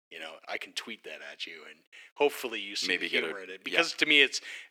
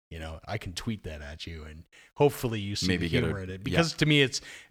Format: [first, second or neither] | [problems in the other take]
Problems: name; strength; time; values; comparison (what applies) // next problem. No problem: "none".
second | thin; somewhat; fading below 300 Hz